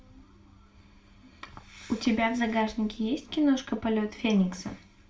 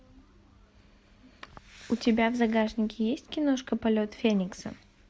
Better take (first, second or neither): second